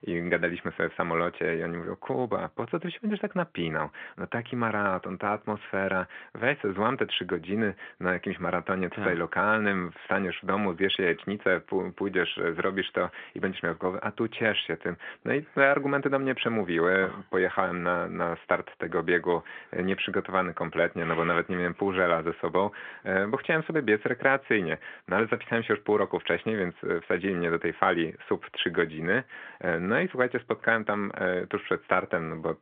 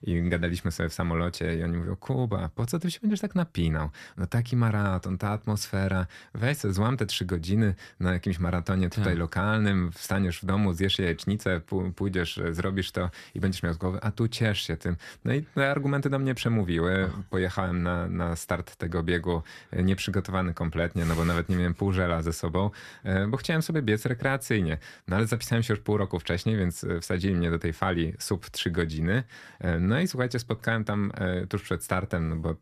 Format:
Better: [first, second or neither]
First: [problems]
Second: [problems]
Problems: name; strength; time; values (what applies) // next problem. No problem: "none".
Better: second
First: phone-call audio; nothing above 3.5 kHz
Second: none